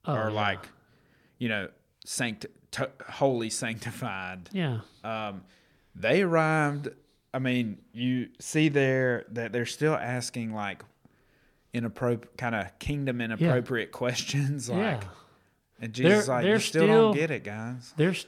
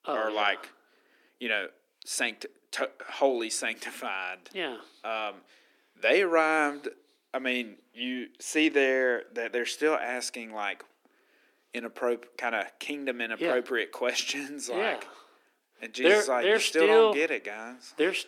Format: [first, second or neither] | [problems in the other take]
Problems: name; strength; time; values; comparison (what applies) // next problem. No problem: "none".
first | thin; somewhat; fading below 300 Hz